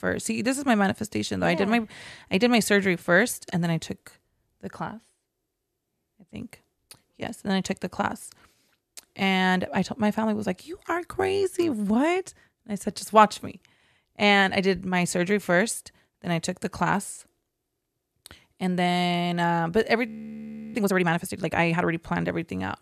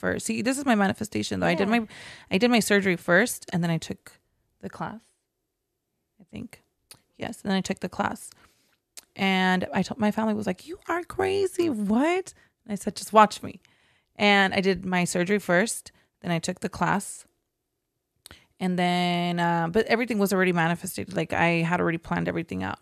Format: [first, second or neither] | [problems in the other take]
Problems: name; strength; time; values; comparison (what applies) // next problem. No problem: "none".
second | audio freezing; at 20 s for 0.5 s